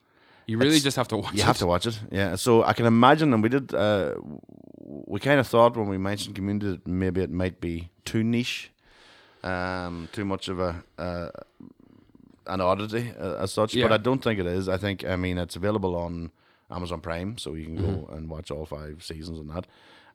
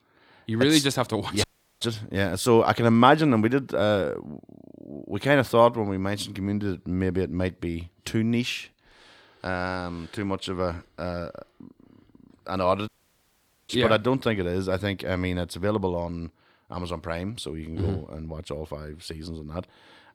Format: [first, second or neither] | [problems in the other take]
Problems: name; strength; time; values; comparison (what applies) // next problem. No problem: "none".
first | audio cutting out; at 1.5 s and at 13 s for 1 s